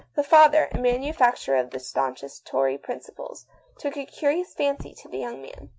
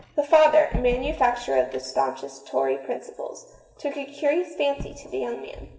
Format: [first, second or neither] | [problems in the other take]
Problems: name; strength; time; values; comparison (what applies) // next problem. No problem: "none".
first | room echo; dies away in 1.6 s